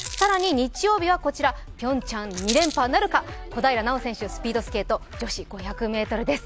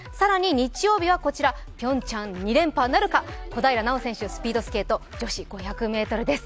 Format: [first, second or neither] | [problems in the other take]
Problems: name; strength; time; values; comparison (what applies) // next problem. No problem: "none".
second | background sound (Rattle); 15 dB below the speech